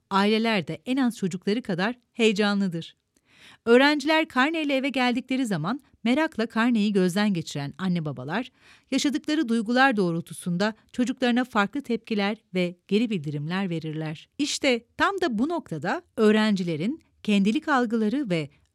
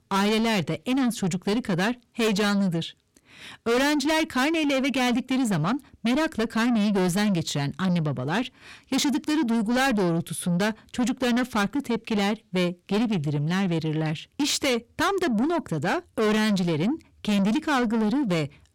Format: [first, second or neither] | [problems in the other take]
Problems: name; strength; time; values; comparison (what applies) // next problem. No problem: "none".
first | distortion; heavy; 7 dB below the speech